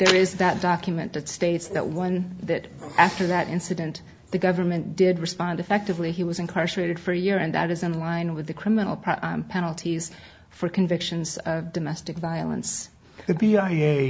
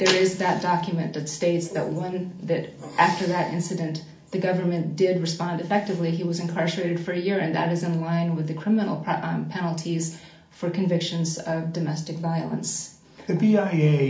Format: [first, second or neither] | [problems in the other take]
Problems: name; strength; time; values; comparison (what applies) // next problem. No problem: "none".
first | room echo; dies away in 0.4 s